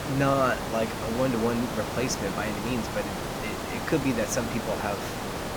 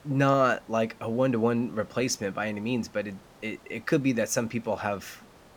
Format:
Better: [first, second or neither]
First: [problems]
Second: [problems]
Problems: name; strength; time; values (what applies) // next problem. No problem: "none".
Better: second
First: hiss; loud; throughout; 3 dB below the speech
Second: hiss; faint; throughout; 25 dB below the speech